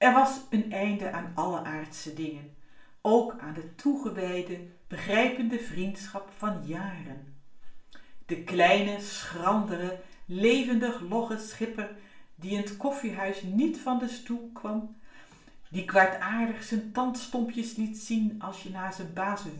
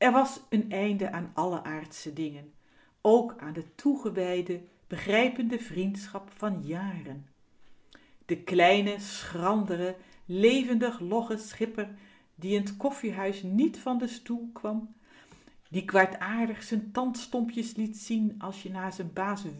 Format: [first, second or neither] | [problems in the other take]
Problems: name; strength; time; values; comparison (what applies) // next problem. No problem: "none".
second | room echo; dies away in 0.4 s